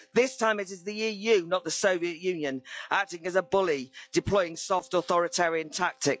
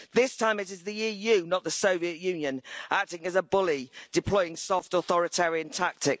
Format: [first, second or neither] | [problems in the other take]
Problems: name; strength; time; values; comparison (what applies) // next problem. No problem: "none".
second | noise reduction (classical method log-MMSE)